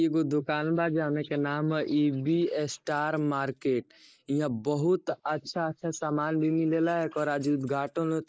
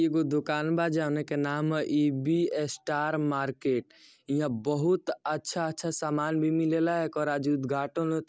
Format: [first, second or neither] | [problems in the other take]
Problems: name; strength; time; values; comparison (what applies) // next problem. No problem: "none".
second | noise reduction (neural mask model Resemble Enhance denoiser)